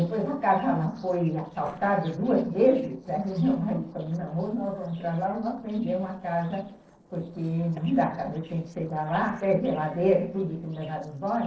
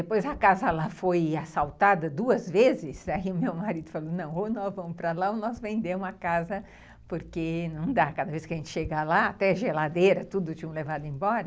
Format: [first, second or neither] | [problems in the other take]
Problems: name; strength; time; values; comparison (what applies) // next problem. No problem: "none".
second | noise reduction (neural separator model SepFormer DNS4)